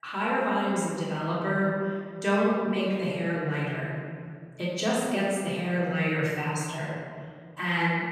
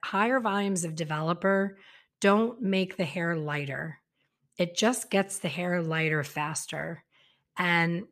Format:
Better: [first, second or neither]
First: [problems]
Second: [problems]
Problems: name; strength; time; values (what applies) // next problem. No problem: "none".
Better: second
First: room echo; strong; dies away in 2 s // off-mic speech; far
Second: none